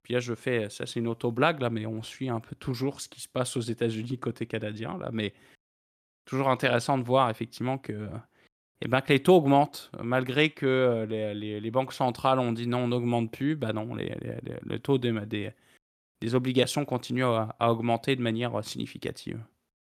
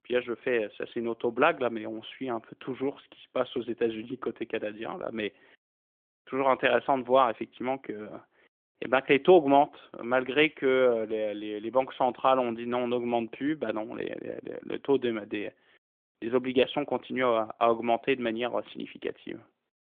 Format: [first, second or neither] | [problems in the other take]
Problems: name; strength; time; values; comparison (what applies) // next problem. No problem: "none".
first | phone-call audio; nothing above 3.5 kHz